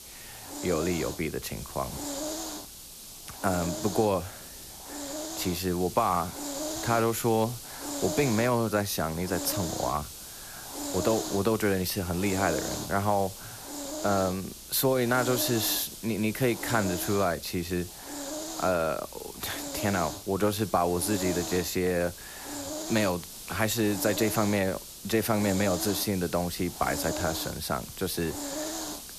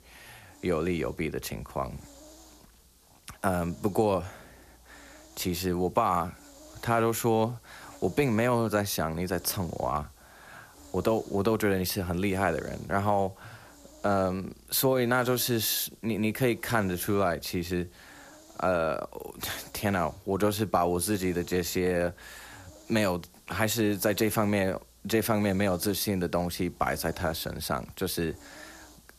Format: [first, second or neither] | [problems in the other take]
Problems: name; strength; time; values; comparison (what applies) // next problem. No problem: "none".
second | hiss; loud; throughout; 8 dB below the speech; faint in the second